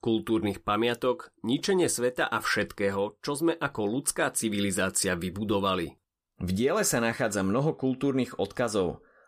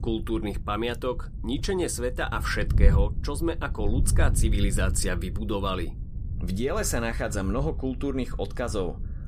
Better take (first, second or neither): first